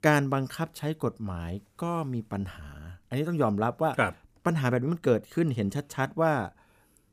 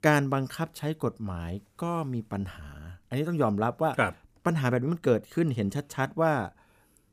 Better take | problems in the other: neither | none

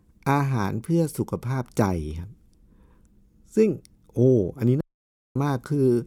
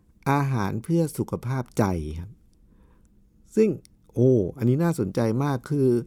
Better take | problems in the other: second | audio cutting out; at 5 s for 0.5 s

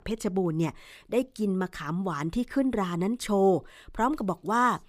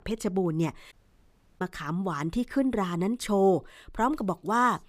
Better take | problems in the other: first | audio cutting out; at 1 s for 0.5 s

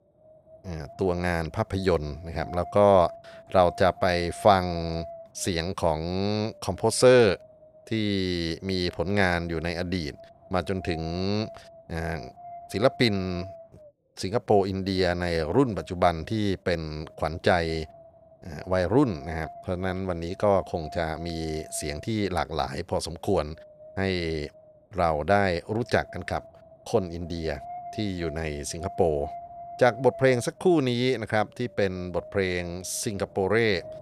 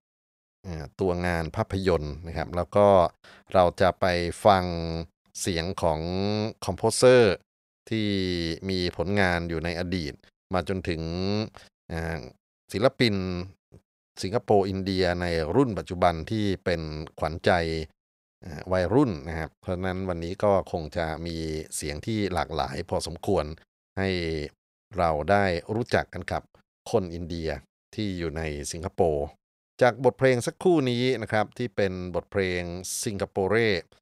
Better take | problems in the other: second | wind noise on the microphone; occasional gusts; 15 dB below the speech

